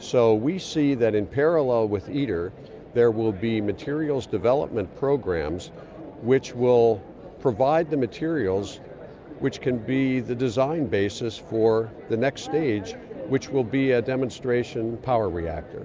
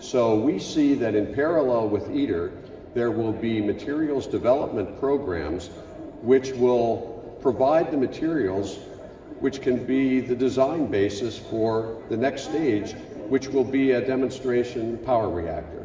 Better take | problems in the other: first | room echo; dies away in 2.6 s

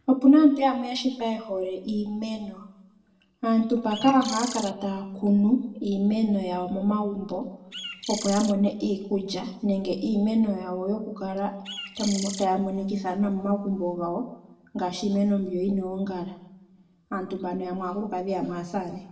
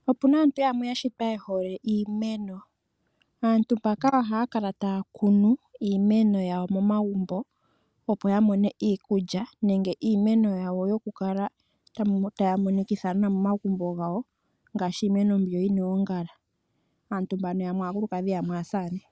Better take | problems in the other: second | background sound (Bird); 10 dB below the speech // room echo; dies away in 0.7 s

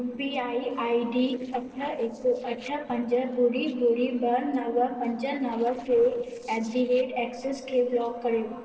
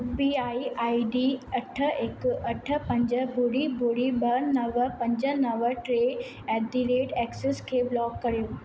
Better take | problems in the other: second | noise reduction (neural separator model SepFormer DNS4)

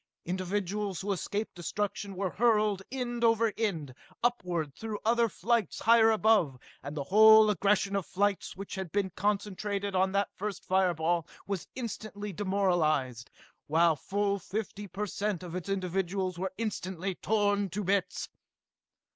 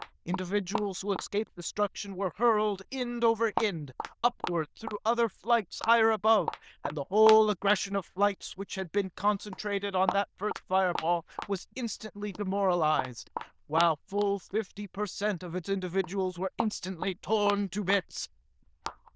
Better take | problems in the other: first | noise reduction (neural diffusion model UNIVERSE++)

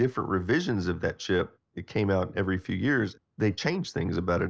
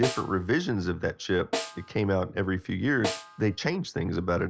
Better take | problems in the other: first | background sound (Snare drum); 10 dB below the speech

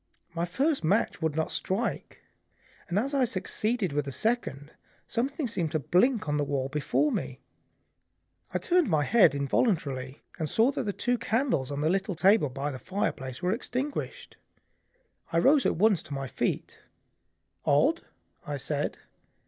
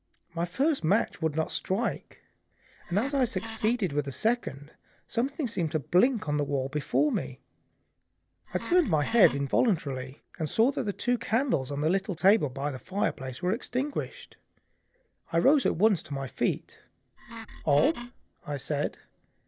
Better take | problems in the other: first | background sound (Wood); 12 dB below the speech

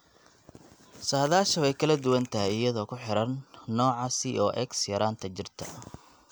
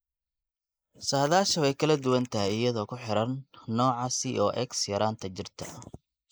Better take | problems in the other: first | noise reduction (neural mask model Resemble Enhance denoiser)

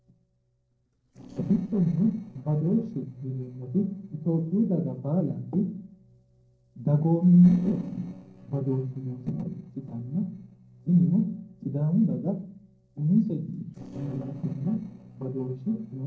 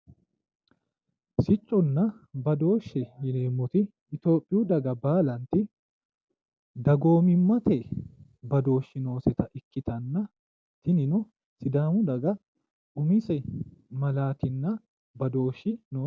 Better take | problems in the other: second | noise reduction (neural separator model SepFormer DNS4)

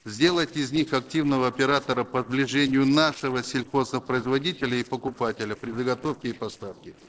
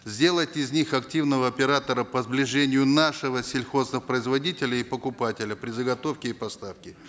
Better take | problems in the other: second | noise reduction (neural separator model SepFormer DNS4)

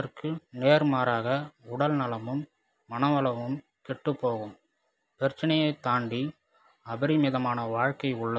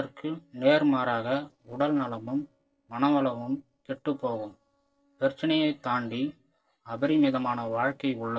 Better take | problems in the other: first | noise reduction (neural separator model SepFormer DNS4)

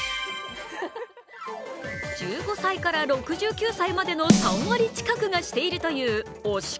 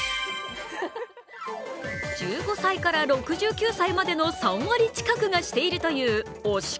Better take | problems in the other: second | background sound (Snare drum); as loud as the speech

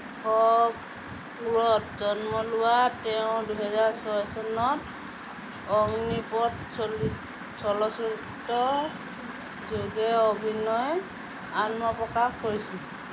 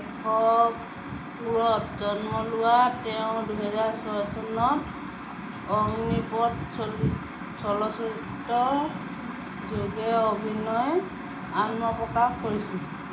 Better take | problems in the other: first | room echo; dies away in 0.4 s

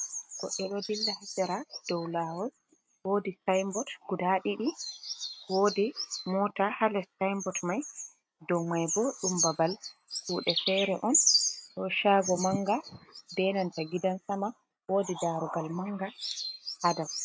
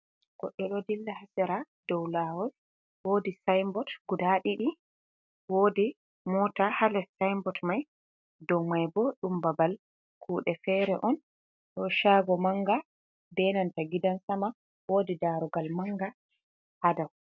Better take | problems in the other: second | noise reduction (neural mask model RNNoise)

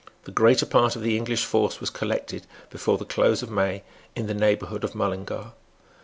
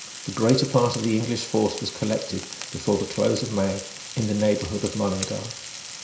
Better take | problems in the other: first | background sound (Frying (food)); 12 dB below the speech // room echo; dies away in 0.5 s

